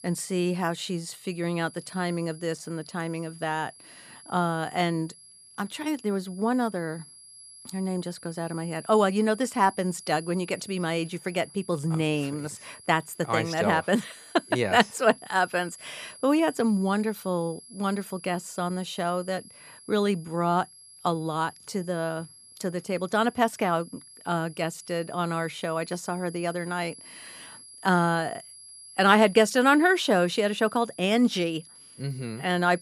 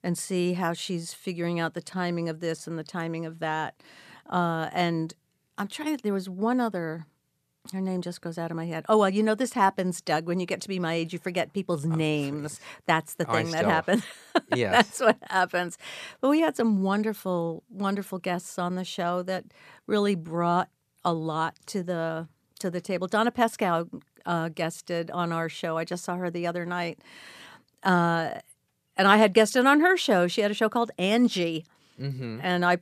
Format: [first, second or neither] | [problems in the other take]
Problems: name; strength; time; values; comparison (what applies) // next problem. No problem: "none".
second | high-pitched whine; noticeable; throughout; 11 kHz, 20 dB below the speech